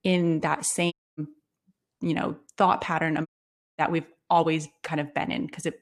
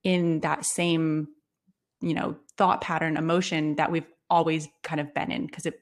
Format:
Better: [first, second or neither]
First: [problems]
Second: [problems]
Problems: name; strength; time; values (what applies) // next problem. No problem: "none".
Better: second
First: audio cutting out; at 1 s and at 3.5 s for 0.5 s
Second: none